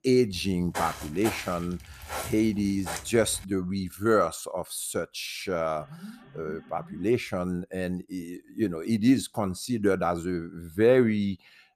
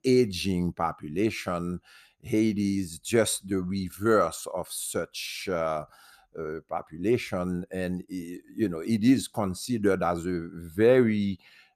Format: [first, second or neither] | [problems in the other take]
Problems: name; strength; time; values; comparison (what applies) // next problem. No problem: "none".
second | footsteps; noticeable; until 3.5 s; peak 6 dB below the speech // alarm; faint; from 6 to 7 s; peak 15 dB below the speech